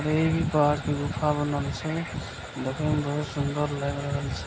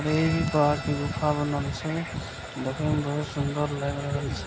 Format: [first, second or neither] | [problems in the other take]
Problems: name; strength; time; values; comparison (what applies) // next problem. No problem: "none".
first | background sound (Chewing, mastication + Bowed string instrument); 16 dB below the speech